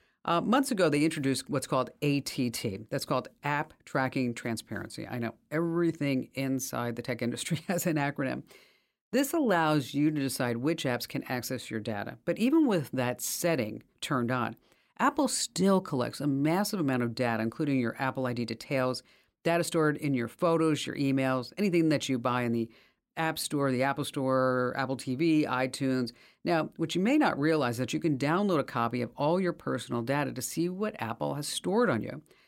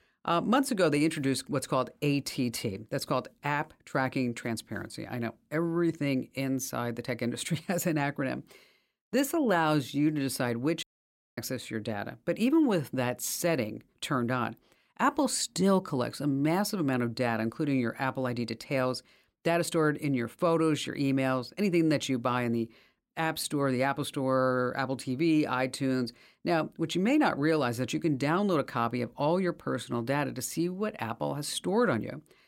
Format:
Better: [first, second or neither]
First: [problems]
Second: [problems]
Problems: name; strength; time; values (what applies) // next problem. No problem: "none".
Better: first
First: none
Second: audio cutting out; at 11 s for 0.5 s